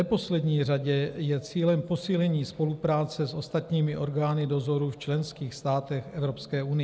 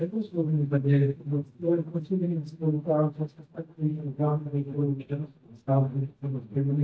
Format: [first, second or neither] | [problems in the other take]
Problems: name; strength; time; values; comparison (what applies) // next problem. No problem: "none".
first | noise reduction (neural mask model DeepFilterNet 3)